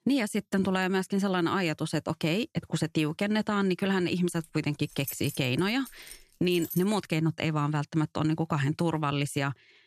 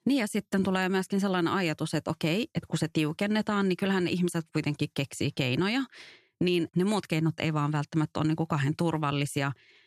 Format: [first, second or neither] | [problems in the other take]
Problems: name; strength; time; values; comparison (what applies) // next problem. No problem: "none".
second | jangling keys; noticeable; from 4.5 to 7 s; peak 9 dB below the speech